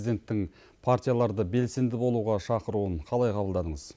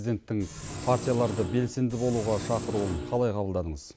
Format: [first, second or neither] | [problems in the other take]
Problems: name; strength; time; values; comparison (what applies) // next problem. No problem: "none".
first | background sound (Engine); 8 dB below the speech